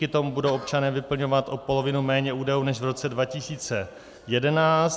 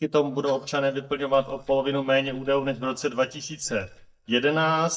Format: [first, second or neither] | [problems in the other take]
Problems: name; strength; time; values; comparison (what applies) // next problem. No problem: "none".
first | noise reduction (neural mask model DeepFilterNet 3)